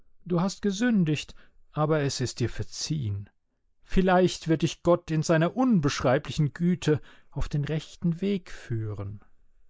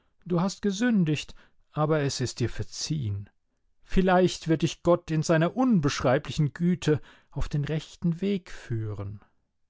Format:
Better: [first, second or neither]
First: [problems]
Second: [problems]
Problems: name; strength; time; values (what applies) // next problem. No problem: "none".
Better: second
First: noise reduction (neural mask model Resemble Enhance denoiser)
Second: none